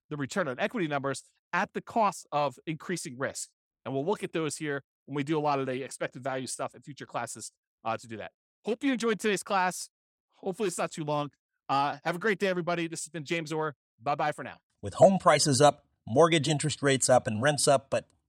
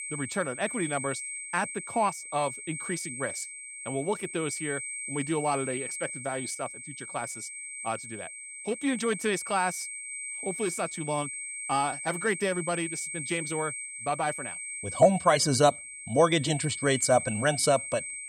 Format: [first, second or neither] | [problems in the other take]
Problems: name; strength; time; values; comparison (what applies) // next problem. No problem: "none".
first | high-pitched whine; loud; throughout; 8.5 kHz, 7 dB below the speech